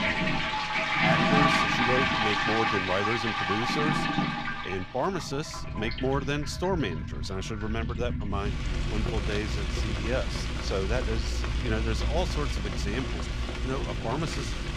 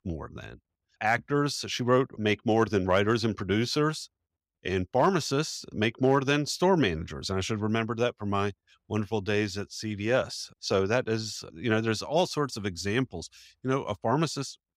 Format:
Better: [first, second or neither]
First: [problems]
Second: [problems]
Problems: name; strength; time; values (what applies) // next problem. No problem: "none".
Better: second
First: household noises; very loud; throughout; 4 dB above the speech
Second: none